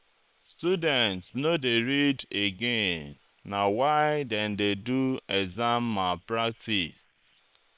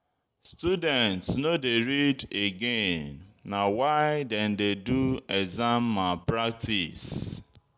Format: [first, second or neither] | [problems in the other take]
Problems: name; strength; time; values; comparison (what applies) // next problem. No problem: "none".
second | noise reduction (neural separator model SepFormer WHAM!)